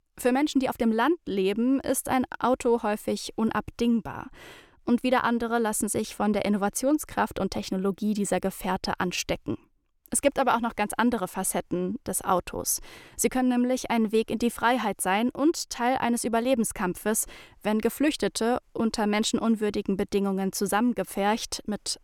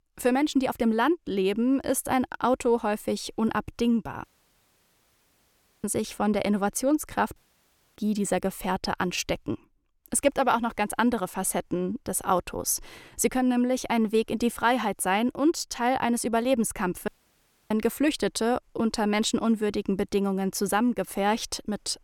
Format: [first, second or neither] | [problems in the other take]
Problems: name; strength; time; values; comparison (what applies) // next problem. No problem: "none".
first | audio cutting out; at 4 s for 1.5 s, at 7.5 s for 0.5 s and at 17 s for 0.5 s